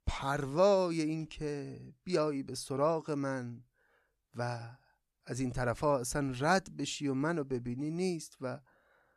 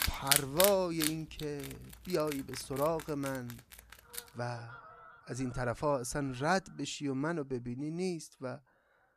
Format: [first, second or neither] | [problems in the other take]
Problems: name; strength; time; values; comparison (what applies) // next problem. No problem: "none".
first | animal sounds; very loud; throughout; as loud as the speech